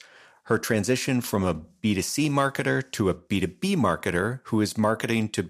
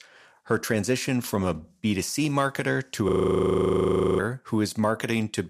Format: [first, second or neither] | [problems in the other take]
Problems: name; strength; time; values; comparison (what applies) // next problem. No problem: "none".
first | audio freezing; at 3 s for 1 s